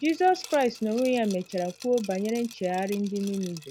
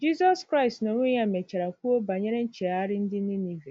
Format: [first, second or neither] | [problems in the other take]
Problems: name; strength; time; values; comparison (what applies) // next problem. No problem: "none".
second | background sound (Liquid); 20 dB below the speech